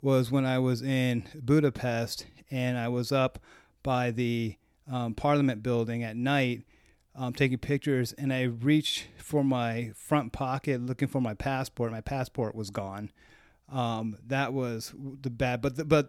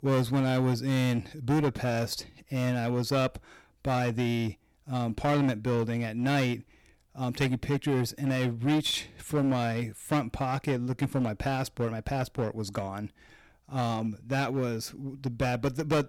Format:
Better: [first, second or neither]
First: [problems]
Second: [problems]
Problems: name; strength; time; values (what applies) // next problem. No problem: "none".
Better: first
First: none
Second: distortion; slight; 10% of the sound clipped